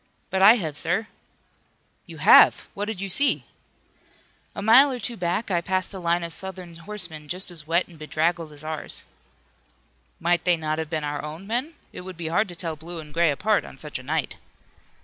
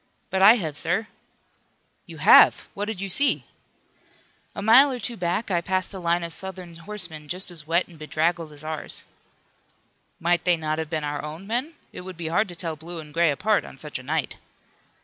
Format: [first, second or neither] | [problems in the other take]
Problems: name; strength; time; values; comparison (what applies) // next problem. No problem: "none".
second | background sound (Clock); 20 dB below the speech